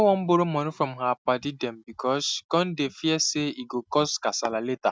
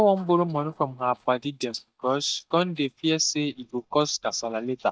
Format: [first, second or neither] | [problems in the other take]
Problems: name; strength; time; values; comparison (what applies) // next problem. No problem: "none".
first | noise reduction (neural mask model DeepFilterNet 3)